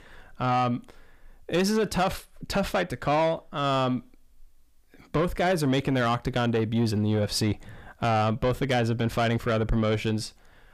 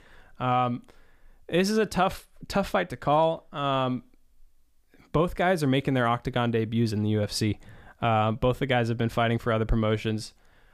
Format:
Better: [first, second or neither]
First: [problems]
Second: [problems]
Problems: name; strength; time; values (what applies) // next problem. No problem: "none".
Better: second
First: distortion; slight; 10 dB below the speech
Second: none